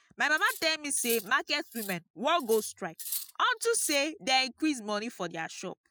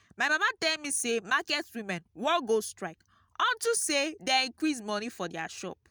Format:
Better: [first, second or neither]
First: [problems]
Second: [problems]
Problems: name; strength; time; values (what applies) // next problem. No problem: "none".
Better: second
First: noise reduction (classical method Wiener filter)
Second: none